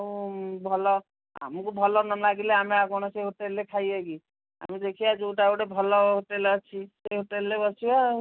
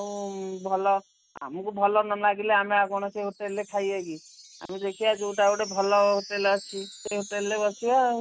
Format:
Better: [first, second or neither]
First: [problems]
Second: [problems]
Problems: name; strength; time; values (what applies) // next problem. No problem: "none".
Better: first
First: none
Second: background sound (Wind chime); 20 dB below the speech